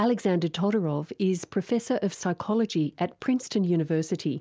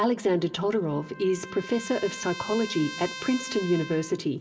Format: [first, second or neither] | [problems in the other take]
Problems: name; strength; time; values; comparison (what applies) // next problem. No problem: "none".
first | background sound (Trumpet); 14 dB below the speech // room echo; dies away in 1.4 s